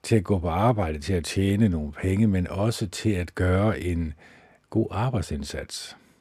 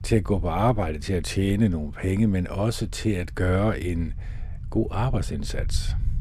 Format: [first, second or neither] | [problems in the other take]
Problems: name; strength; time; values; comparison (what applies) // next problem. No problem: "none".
first | low rumble; faint; throughout; 25 dB below the speech